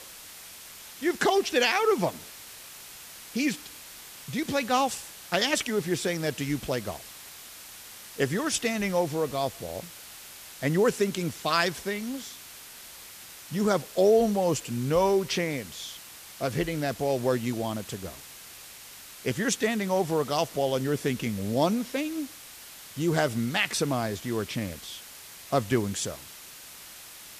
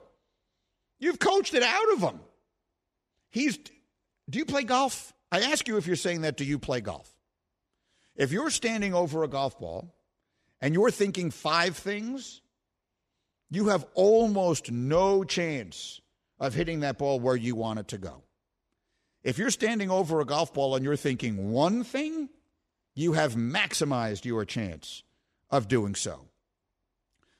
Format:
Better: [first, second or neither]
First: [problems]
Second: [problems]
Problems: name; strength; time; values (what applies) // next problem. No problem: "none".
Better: second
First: hiss; noticeable; throughout; 15 dB below the speech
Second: none